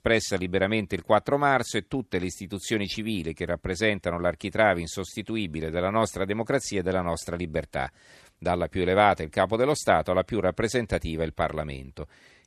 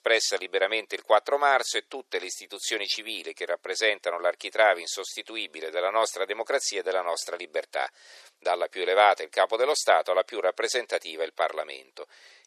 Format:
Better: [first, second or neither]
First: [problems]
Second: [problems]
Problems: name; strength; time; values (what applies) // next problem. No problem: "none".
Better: first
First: none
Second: thin; very; fading below 450 Hz